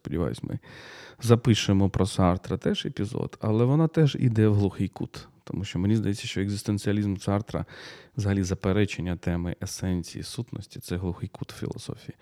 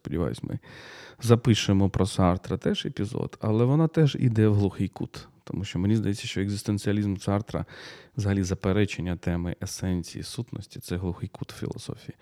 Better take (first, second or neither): neither